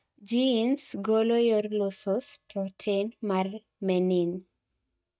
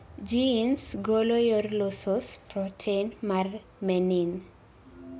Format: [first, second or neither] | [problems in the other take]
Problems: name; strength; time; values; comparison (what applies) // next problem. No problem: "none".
second | noise reduction (neural mask model DeepFilterNet 3)